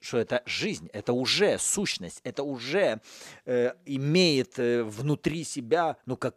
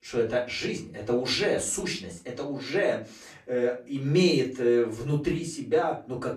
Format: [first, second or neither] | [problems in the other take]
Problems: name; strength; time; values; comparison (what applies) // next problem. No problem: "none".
first | off-mic speech; far // room echo; very slight; dies away in 0.3 s